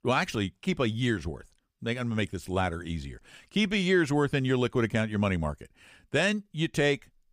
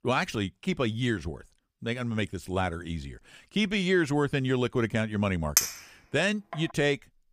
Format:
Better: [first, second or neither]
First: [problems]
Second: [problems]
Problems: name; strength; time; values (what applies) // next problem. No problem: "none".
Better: first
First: none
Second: clattering dishes; loud; at 5.5 s; peak 4 dB above the speech